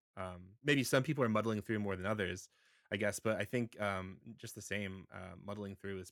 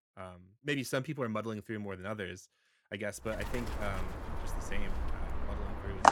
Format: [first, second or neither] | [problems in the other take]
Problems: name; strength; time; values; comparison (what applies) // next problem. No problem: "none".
first | animal sounds; very loud; from 3.5 s on; 1 dB above the speech